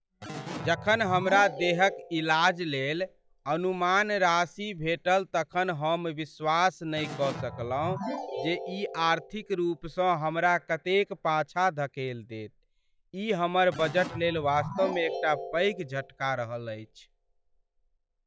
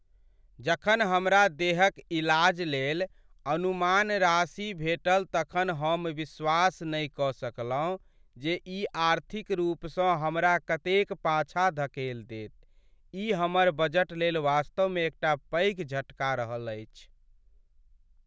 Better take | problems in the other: second | noise reduction (classical method log-MMSE)

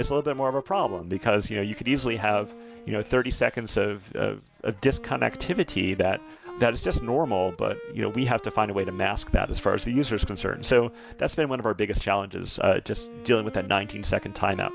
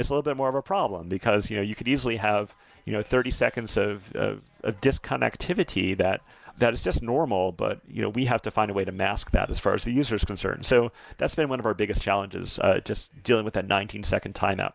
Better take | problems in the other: second | background sound (Wind instrument, woodwind instrument); 17 dB below the speech

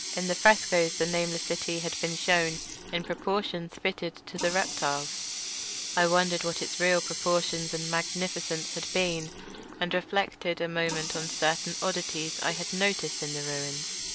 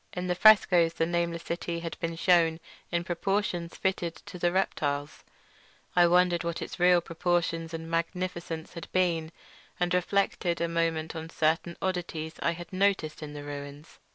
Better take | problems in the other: second | background sound (Water tap, faucet); 6 dB below the speech

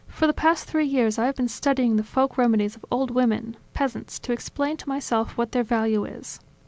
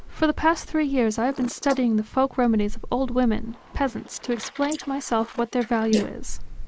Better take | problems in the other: first | noise reduction (neural mask model Resemble Enhance denoiser)

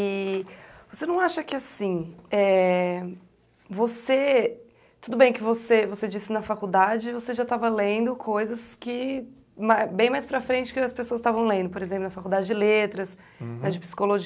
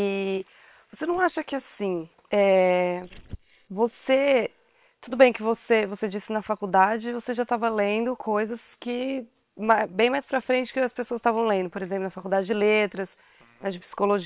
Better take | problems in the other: first | noise reduction (neural separator model SepFormer WHAM!)

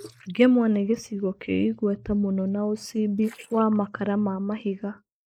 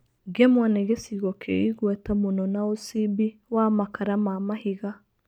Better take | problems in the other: second | noise reduction (neural mask model Resemble Enhance denoiser)

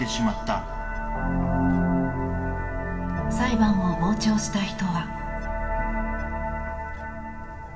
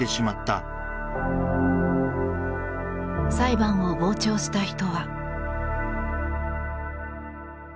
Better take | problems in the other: second | background sound (Bird); 14 dB below the speech // room echo; dies away in 1.8 s

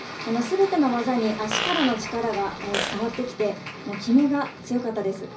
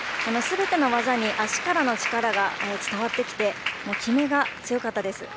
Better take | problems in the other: second | background sound (Fart); 6 dB below the speech // room echo; dies away in 0.5 s

